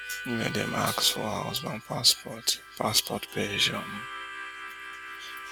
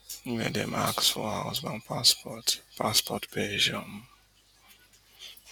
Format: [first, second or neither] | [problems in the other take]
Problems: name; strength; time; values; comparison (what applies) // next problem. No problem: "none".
second | background sound (Harmonica); 11 dB below the speech